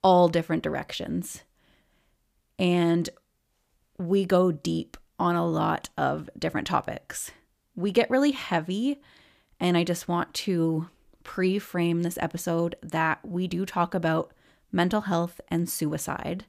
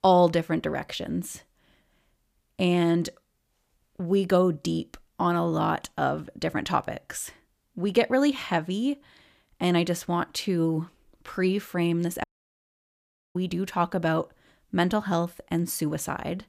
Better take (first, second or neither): first